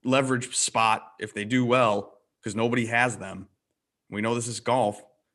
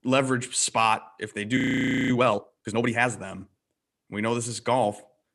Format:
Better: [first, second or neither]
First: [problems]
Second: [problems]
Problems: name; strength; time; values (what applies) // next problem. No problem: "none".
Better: first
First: none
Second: audio freezing; at 1.5 s for 0.5 s